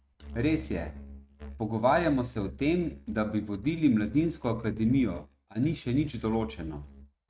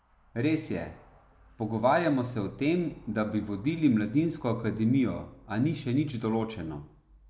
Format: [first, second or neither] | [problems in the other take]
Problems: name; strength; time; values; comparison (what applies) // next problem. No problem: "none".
second | noise reduction (neural mask model RNNoise)